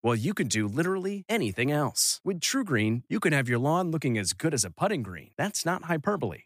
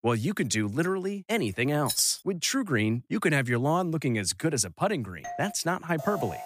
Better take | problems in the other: first | jangling keys; noticeable; at 2 s; peak 5 dB below the speech // doorbell; faint; at 5 s; peak 10 dB below the speech // alarm; noticeable; at 6 s; peak 10 dB below the speech

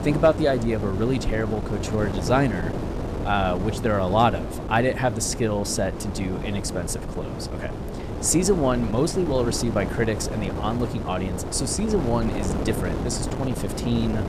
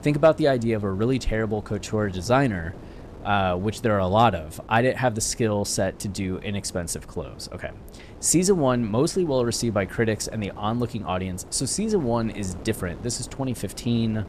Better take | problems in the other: second | wind noise on the microphone; heavy; 8 dB below the speech; occasional gusts in the second

